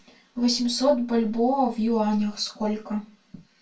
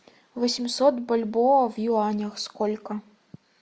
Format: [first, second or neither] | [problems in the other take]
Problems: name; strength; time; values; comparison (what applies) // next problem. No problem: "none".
second | room echo; dies away in 0.2 s